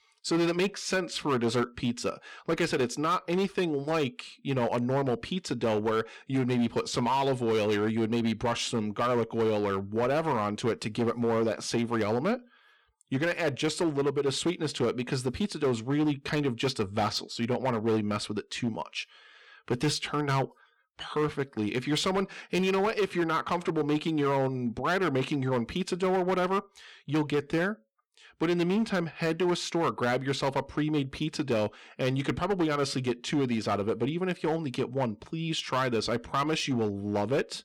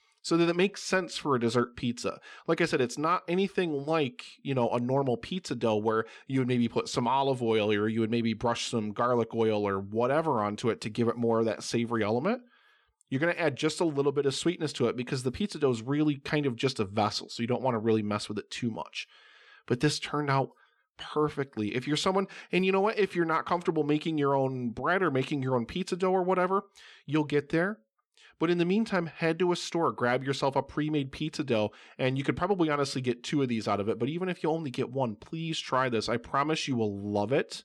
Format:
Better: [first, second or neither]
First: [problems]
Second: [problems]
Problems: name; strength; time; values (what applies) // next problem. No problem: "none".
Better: second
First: distortion; slight; 9% of the sound clipped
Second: none